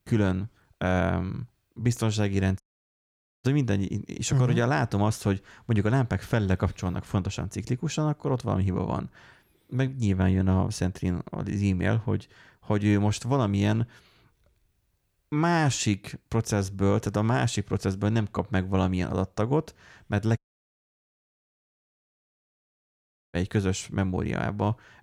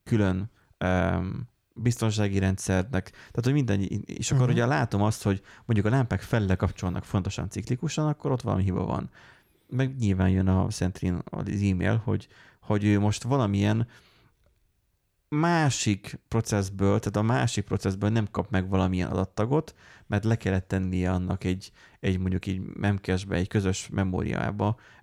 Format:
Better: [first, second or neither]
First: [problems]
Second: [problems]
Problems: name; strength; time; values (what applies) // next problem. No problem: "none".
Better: second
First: audio cutting out; at 2.5 s for 1 s and at 20 s for 3 s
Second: none